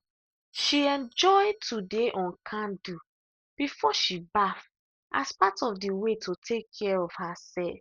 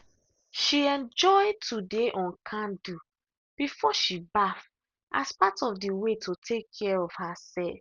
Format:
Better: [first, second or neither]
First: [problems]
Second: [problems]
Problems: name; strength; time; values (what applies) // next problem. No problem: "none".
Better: second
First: noise reduction (neural mask model DeepFilterNet 3)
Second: none